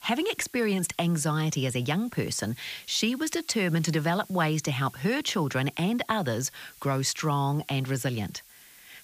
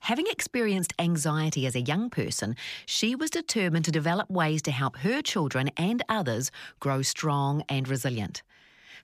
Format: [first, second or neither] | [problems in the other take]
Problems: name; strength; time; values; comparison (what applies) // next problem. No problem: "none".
second | hiss; faint; throughout; 20 dB below the speech